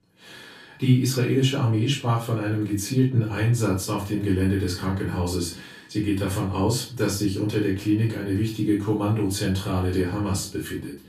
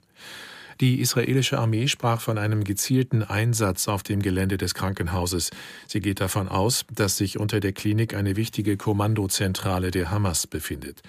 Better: second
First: off-mic speech; far // room echo; slight; dies away in 0.3 s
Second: none

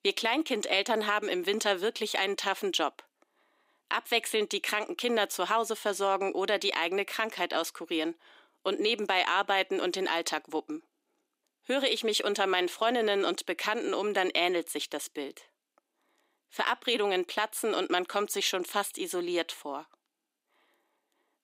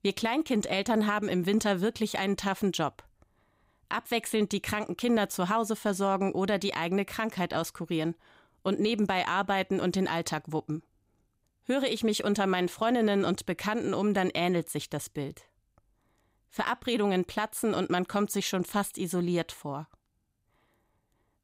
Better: second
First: thin; somewhat; fading below 300 Hz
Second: none

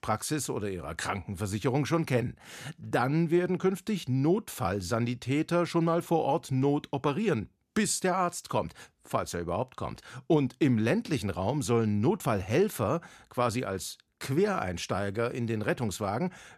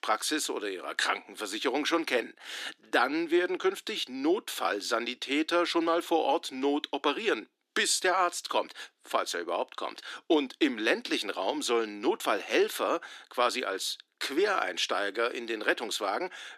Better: first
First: none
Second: thin; somewhat; fading below 300 Hz

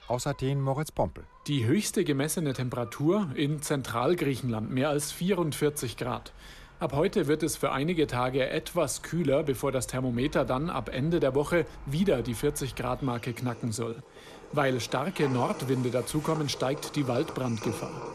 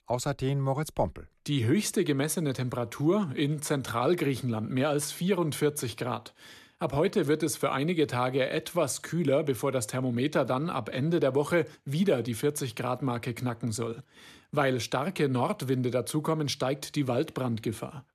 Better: second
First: animal sounds; noticeable; throughout; 15 dB below the speech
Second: none

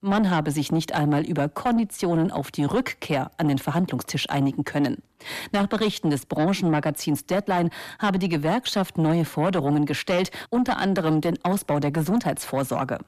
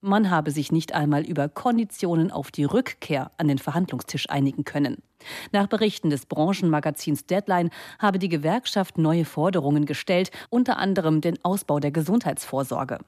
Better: second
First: distortion; slight; 10 dB below the speech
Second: none

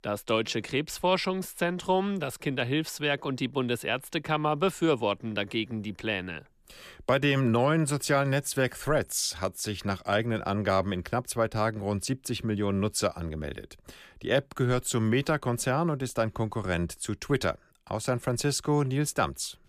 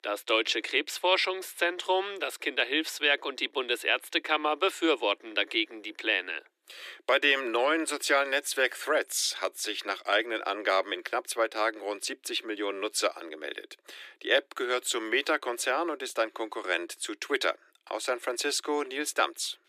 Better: first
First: none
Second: thin; very; fading below 300 Hz

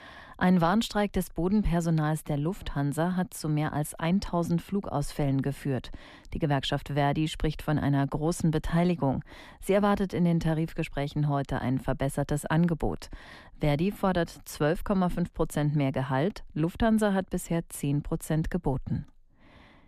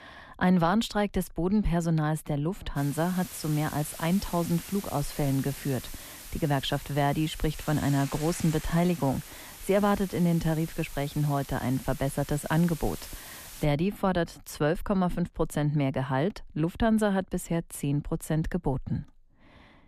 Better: first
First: none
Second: hiss; noticeable; from 3 to 14 s; 15 dB below the speech

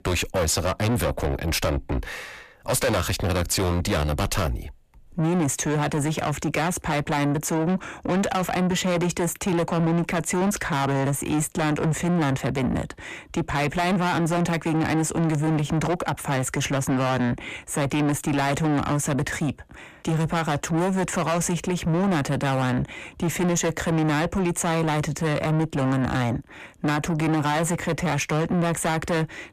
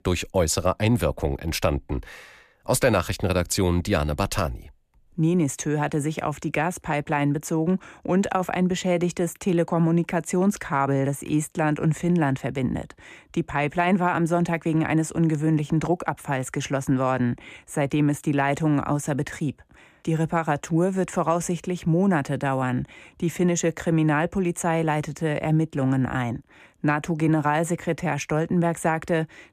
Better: second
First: distortion; heavy; 7 dB below the speech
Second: none

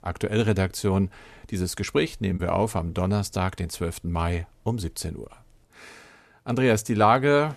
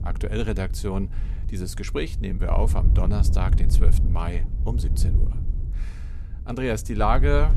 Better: first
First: none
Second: wind noise on the microphone; occasional gusts; 15 dB below the speech

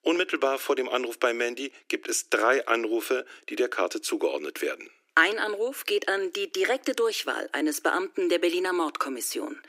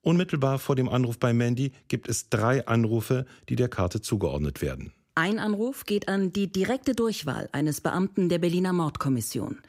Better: second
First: thin; very; fading below 300 Hz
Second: none

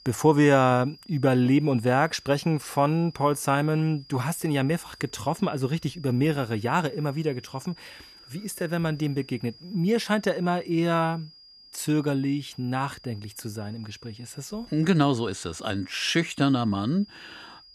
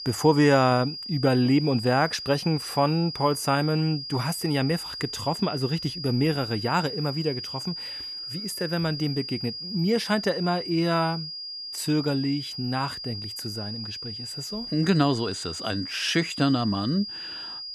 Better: first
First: high-pitched whine; faint; throughout; 5 kHz, 25 dB below the speech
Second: high-pitched whine; loud; throughout; 5 kHz, 8 dB below the speech

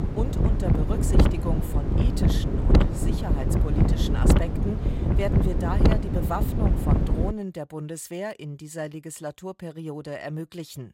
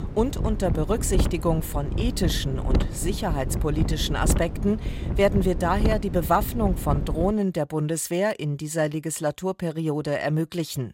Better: second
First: wind noise on the microphone; heavy; until 7.5 s; 3 dB above the speech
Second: wind noise on the microphone; occasional gusts; until 7.5 s; 10 dB below the speech

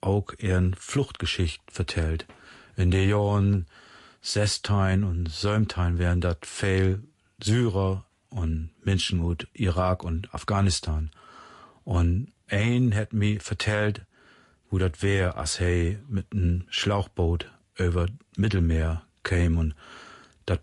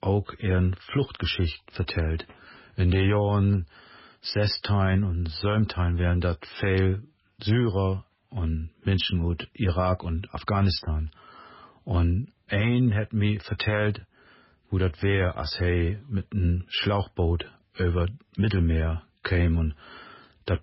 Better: first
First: garbled, watery; slightly; nothing above 9 kHz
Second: garbled, watery; badly; nothing above 5.5 kHz

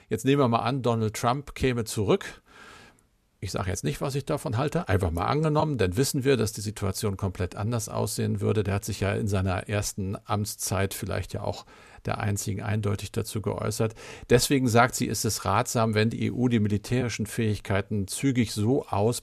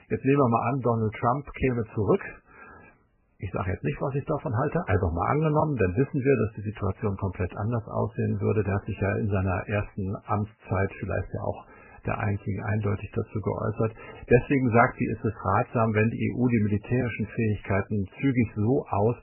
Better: first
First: none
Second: garbled, watery; badly; nothing above 2.5 kHz

